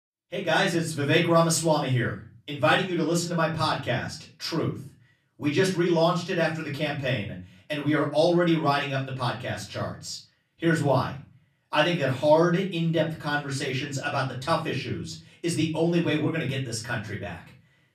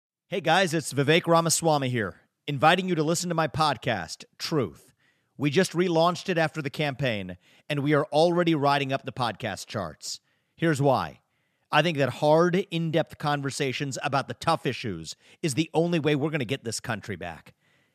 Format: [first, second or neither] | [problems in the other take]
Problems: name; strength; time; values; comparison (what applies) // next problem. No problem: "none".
second | off-mic speech; far // room echo; slight; dies away in 0.3 s